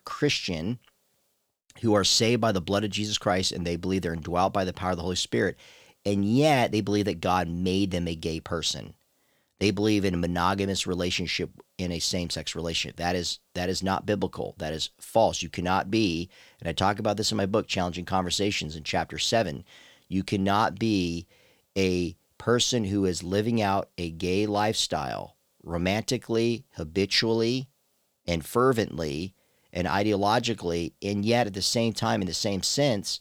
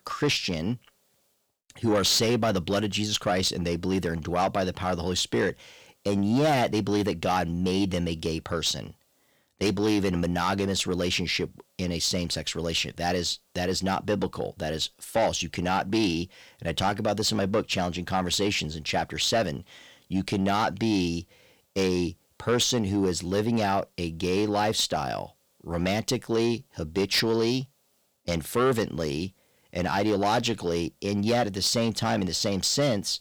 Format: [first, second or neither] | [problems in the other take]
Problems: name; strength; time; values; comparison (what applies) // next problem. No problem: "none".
first | distortion; slight; 10 dB below the speech